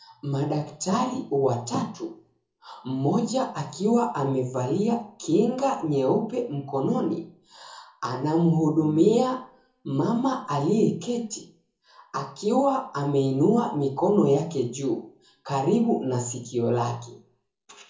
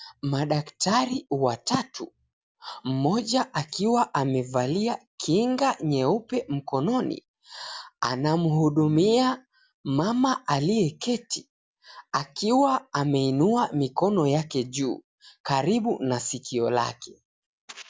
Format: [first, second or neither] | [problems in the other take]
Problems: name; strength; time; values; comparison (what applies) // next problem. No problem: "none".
second | room echo; dies away in 0.6 s